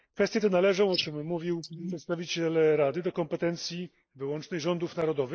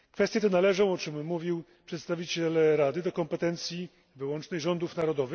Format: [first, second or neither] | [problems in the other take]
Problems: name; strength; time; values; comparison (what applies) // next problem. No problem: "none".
second | noise reduction (neural mask model Resemble Enhance denoiser)